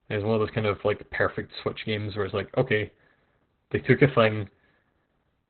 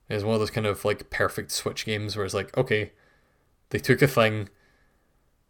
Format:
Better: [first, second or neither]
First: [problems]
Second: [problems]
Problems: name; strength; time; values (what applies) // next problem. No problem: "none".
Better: second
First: garbled, watery; badly; nothing above 4 kHz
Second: none